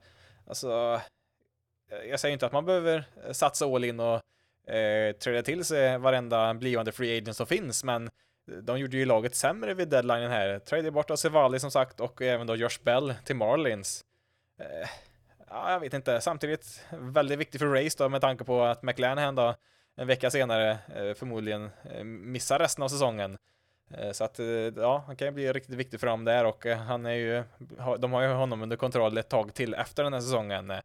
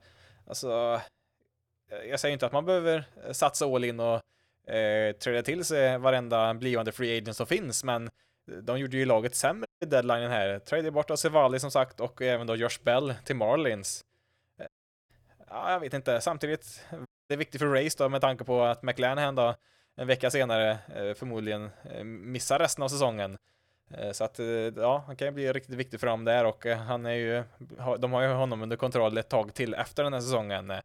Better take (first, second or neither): first